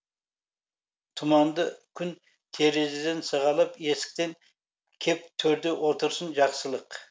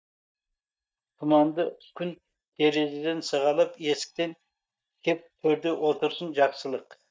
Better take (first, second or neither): first